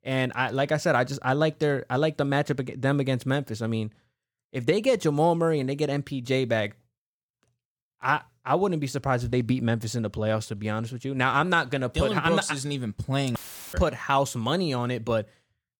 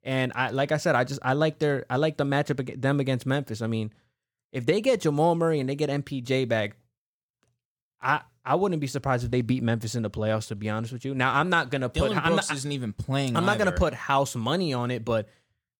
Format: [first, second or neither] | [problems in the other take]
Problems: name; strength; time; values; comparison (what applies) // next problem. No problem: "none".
second | audio cutting out; filled with static; at 13 s